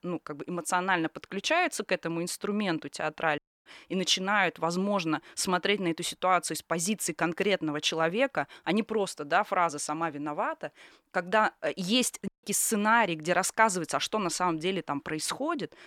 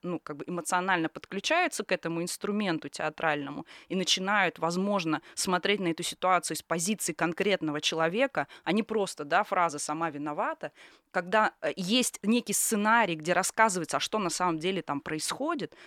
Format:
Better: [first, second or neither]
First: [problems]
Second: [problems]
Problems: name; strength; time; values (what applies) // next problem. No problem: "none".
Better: second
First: audio cutting out; at 3.5 s and at 12 s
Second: none